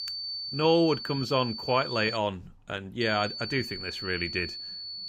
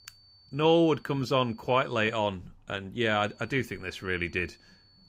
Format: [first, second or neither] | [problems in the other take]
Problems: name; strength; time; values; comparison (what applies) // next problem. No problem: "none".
second | high-pitched whine; loud; until 2 s and from 3 s on; 4.5 kHz, 7 dB below the speech; faint in the second